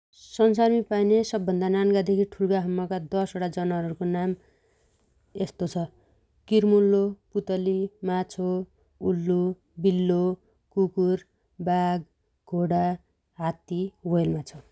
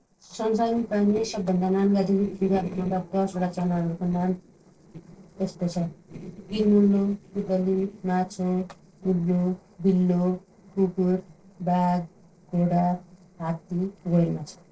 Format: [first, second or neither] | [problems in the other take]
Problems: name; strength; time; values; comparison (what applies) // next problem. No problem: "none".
first | noise reduction (neural separator model SepFormer DNS4)